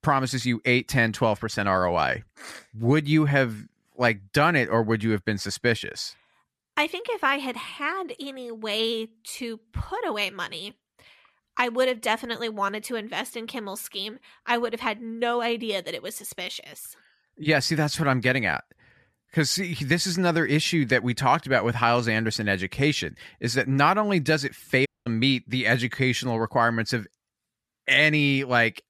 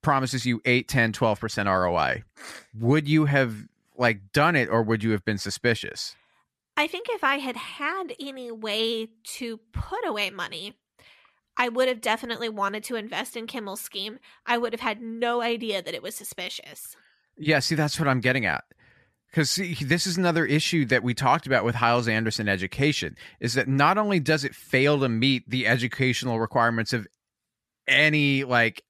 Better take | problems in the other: second | audio cutting out; at 25 s

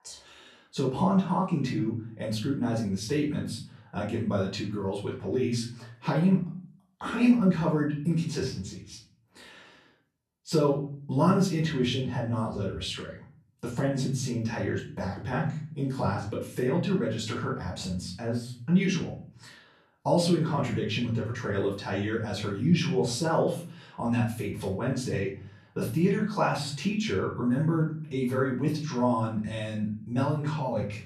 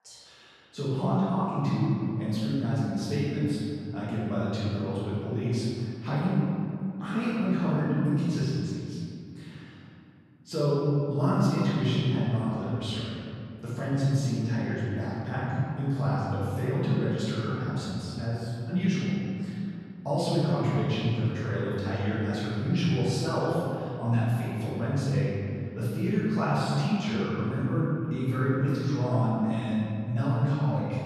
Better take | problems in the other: first | room echo; strong; dies away in 2.7 s; slight in the first // off-mic speech; far; far in the first

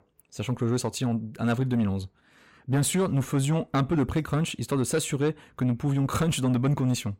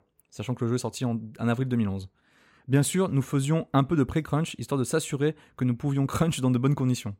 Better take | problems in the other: second | distortion; slight; 10 dB below the speech

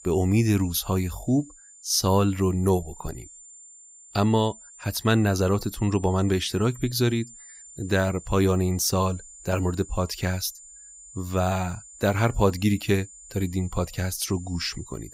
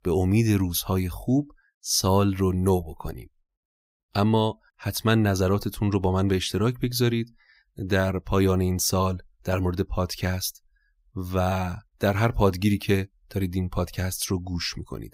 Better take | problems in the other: second | high-pitched whine; noticeable; throughout; 7 kHz, 20 dB below the speech

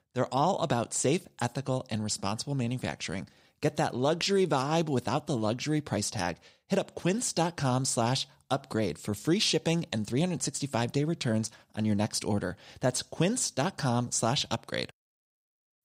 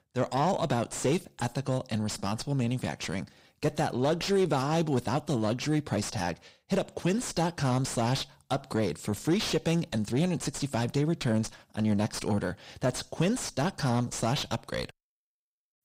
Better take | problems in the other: first | distortion; slight; 9 dB below the speech

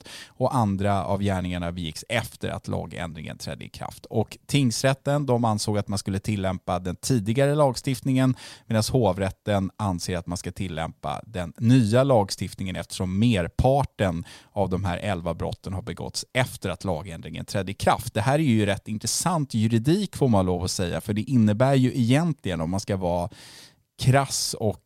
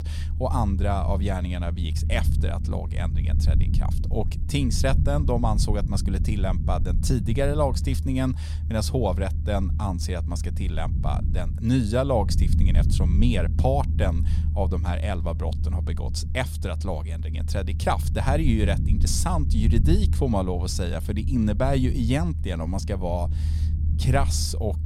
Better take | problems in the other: first | low rumble; noticeable; throughout; 10 dB below the speech

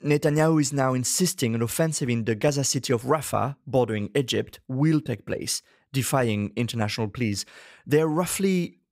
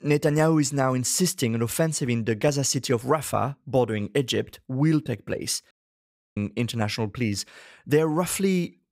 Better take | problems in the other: first | audio cutting out; at 5.5 s for 0.5 s

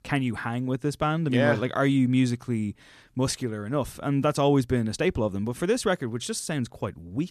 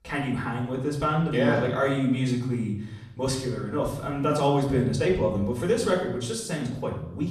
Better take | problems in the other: first | off-mic speech; far // room echo; noticeable; dies away in 0.8 s

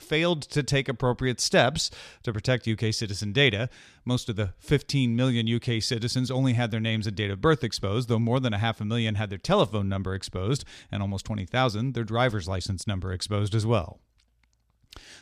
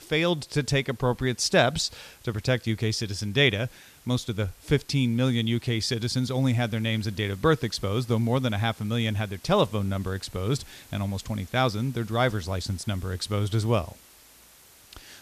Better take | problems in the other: first | hiss; faint; throughout; 25 dB below the speech

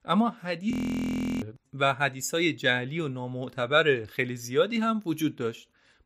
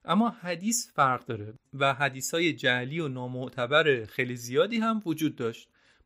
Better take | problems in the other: second | audio freezing; at 0.5 s for 0.5 s

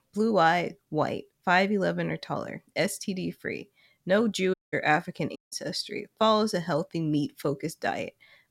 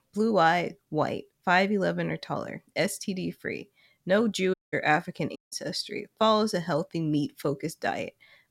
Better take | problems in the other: neither | audio cutting out; at 4.5 s and at 5.5 s; the same in both

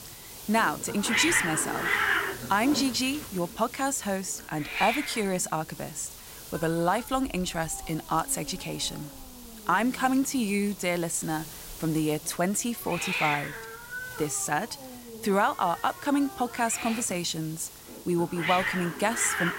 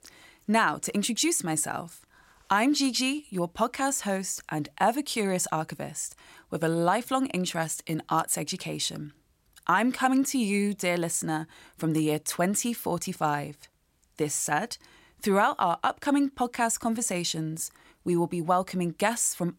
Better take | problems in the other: second | hiss; loud; throughout; 5 dB below the speech

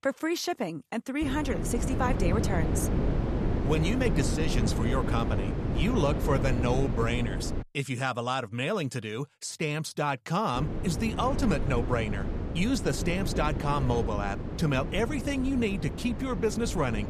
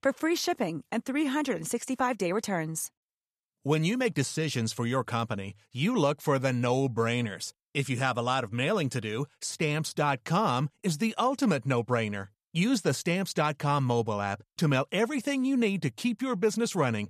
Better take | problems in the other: second | wind noise on the microphone; heavy; from 1 to 7.5 s and from 11 s on; 6 dB below the speech

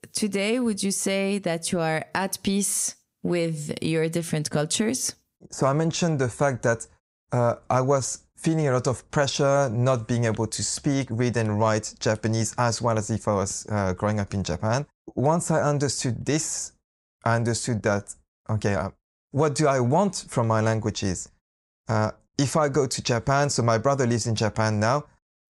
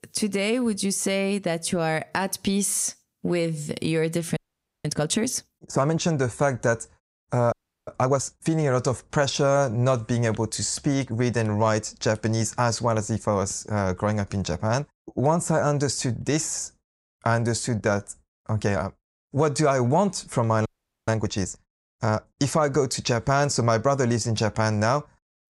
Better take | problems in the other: first | audio freezing; at 4.5 s, at 7.5 s and at 21 s

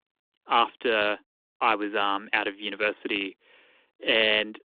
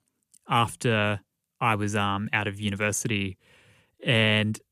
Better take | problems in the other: second | phone-call audio

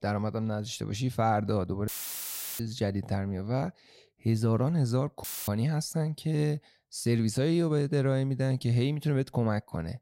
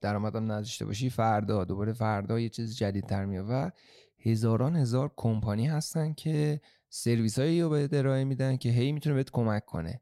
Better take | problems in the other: second | audio cutting out; filled with static; at 2 s for 0.5 s and at 5 s

